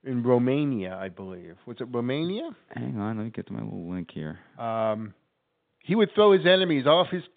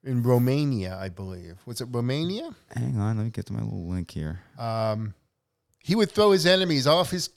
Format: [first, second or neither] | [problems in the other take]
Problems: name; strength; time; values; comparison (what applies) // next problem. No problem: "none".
second | phone-call audio